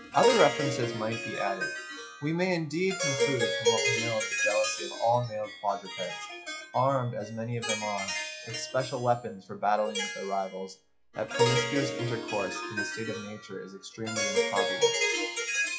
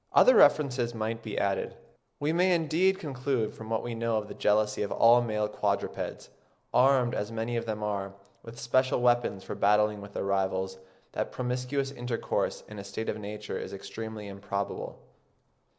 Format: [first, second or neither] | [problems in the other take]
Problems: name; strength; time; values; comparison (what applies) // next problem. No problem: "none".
second | noise reduction (classical method WPE with log-MMSE)